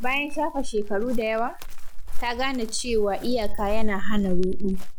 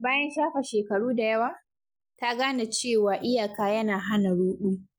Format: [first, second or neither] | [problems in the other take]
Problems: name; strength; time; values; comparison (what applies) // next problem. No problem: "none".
second | background sound (Chirp, tweet); 5 dB above the speech